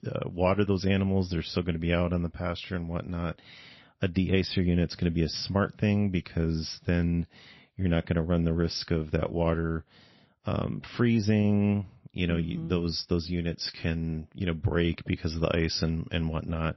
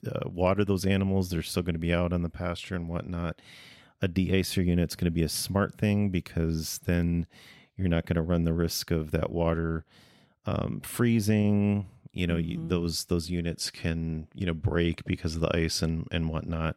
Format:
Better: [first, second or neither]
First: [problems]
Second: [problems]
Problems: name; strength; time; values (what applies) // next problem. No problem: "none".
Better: second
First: garbled, watery; slightly; nothing above 5.5 kHz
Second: none